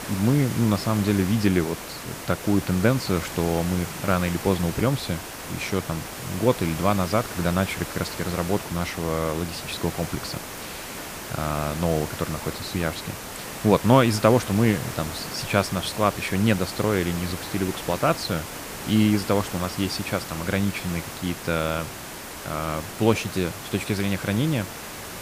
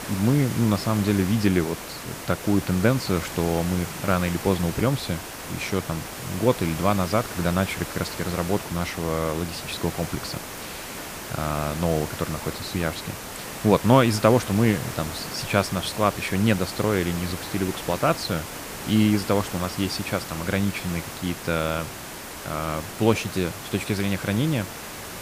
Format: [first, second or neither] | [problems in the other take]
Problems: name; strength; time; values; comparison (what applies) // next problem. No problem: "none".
neither | hiss; loud; throughout; 9 dB below the speech; the same in both